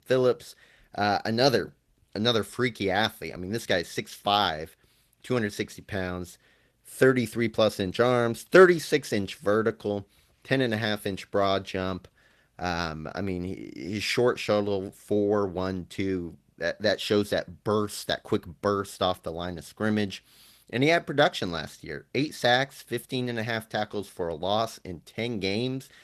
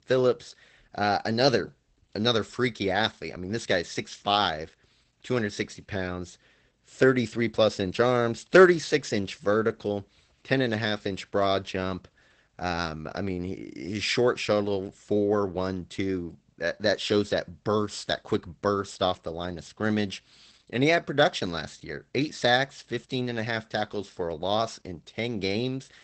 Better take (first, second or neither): first